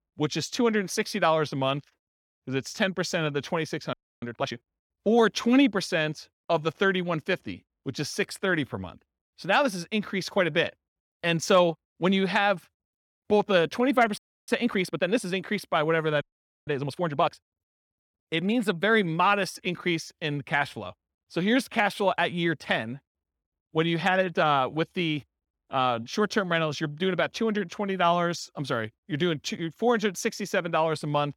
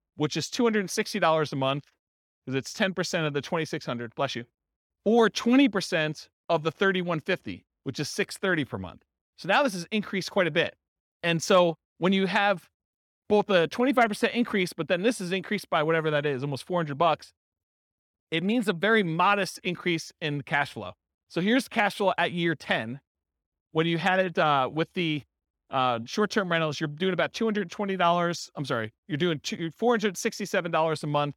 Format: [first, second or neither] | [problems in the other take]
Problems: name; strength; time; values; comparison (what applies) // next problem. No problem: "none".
second | audio freezing; at 4 s, at 14 s and at 16 s